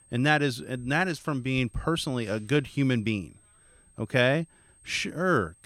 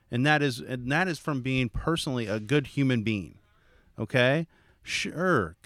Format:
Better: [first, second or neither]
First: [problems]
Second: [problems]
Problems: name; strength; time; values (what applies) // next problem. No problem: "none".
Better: second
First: high-pitched whine; faint; throughout; 8.5 kHz, 30 dB below the speech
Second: none